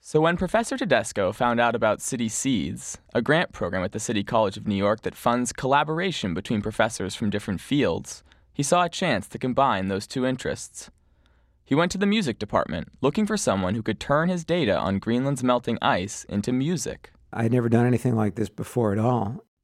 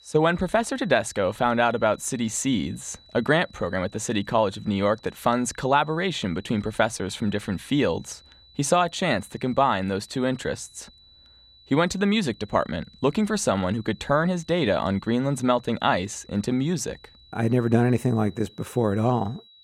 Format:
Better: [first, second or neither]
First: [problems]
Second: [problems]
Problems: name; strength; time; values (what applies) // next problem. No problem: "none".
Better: first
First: none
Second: high-pitched whine; faint; throughout; 4 kHz, 25 dB below the speech